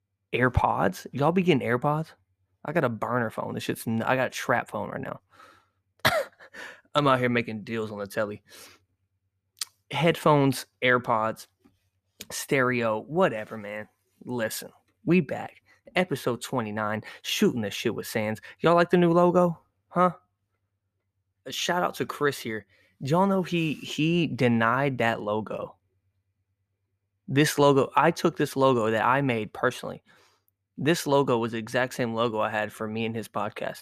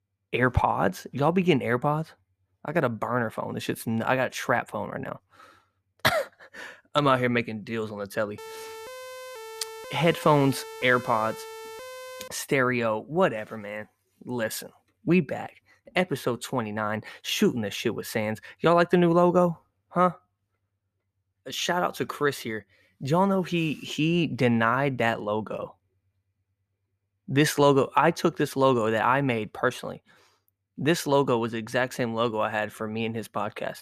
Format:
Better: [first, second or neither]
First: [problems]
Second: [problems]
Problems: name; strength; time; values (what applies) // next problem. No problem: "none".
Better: first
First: none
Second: siren; faint; from 8.5 to 12 s; peak 15 dB below the speech